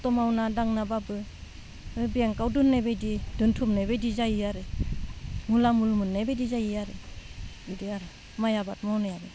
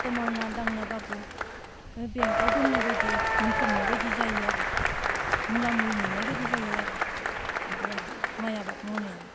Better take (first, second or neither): first